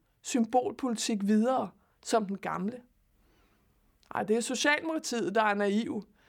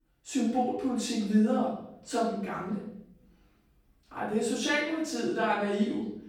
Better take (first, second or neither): first